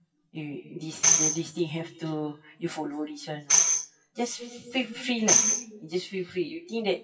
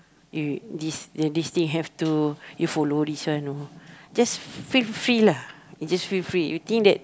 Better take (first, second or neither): second